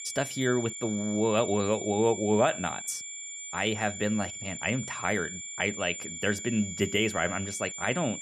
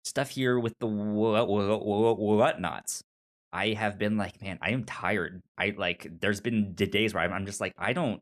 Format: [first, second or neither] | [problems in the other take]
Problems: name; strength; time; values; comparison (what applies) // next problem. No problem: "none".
second | high-pitched whine; loud; throughout; 7 kHz, 7 dB below the speech